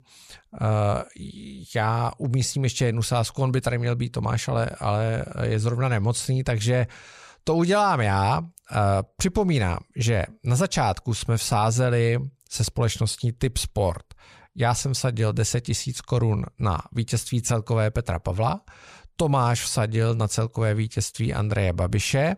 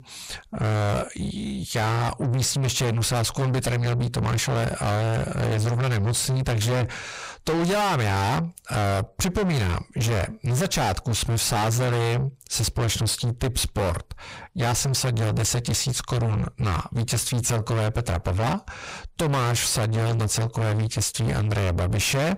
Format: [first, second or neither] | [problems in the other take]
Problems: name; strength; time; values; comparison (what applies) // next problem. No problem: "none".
first | distortion; heavy; 5 dB below the speech